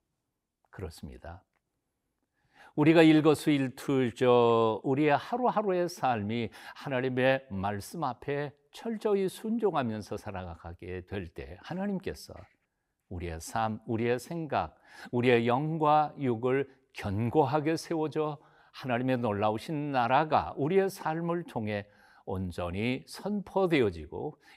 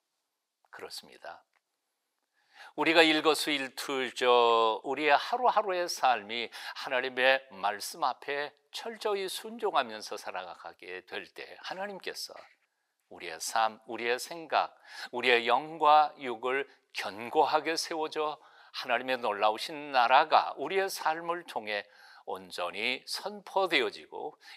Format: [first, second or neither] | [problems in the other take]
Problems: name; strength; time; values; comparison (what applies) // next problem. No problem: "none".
first | thin; very; fading below 650 Hz